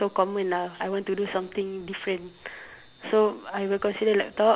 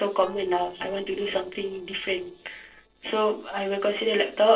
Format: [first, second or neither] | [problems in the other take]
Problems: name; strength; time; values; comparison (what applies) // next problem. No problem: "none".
first | noise reduction (neural separator model SepFormer DNS4)